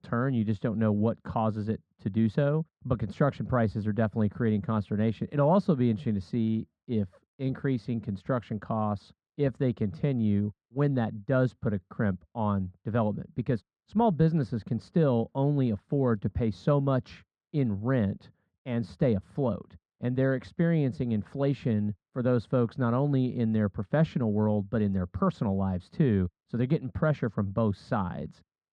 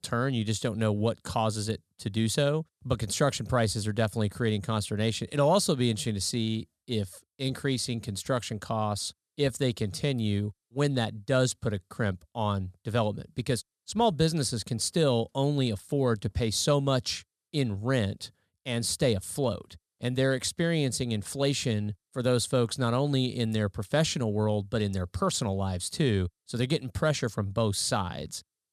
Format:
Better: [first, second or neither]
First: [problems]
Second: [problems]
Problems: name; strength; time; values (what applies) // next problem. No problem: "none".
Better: second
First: muffled; very; fading above 1.5 kHz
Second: none